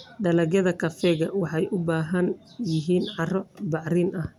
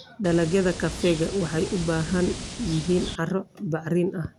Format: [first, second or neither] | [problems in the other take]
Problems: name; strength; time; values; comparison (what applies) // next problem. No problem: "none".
first | background sound (Water); 10 dB below the speech